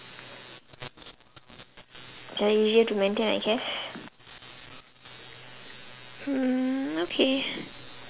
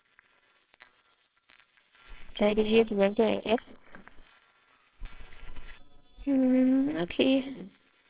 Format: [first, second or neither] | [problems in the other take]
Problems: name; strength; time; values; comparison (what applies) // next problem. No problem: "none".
first | noise reduction (neural separator model SepFormer WHAMR!)